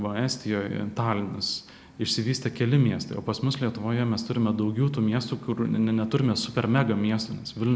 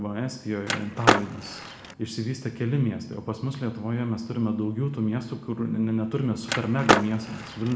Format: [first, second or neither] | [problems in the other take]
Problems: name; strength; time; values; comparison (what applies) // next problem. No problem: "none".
first | background sound (Skateboard); 2 dB above the speech // room echo; dies away in 0.6 s